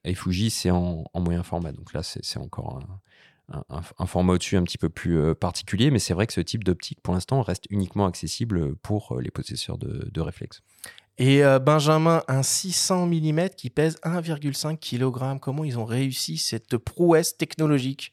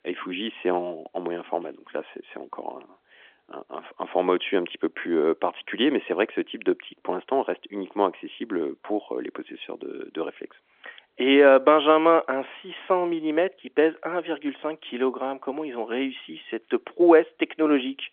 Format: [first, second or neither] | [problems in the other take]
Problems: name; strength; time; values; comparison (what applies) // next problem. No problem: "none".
first | phone-call audio; nothing above 3.5 kHz